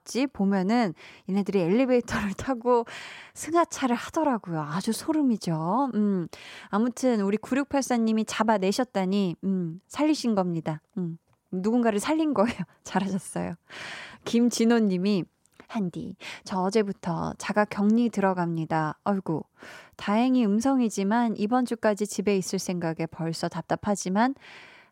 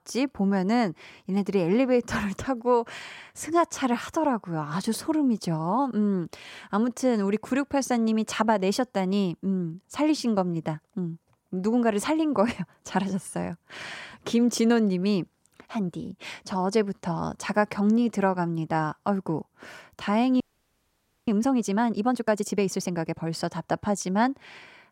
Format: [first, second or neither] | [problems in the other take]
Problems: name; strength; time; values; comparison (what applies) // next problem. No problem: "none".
first | audio freezing; at 20 s for 1 s